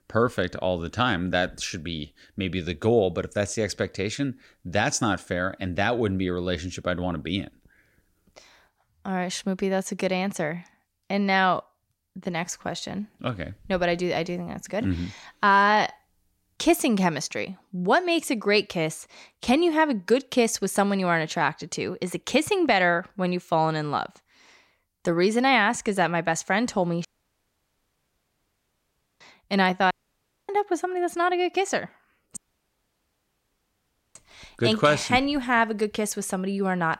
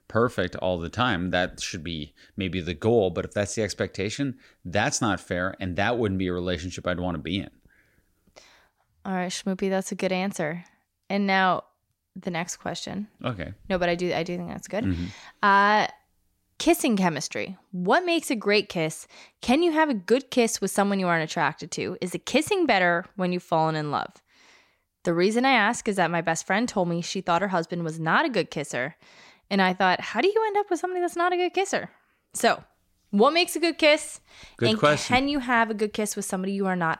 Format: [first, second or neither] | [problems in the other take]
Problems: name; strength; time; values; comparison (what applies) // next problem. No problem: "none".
second | audio cutting out; at 27 s for 2 s, at 30 s for 0.5 s and at 32 s for 2 s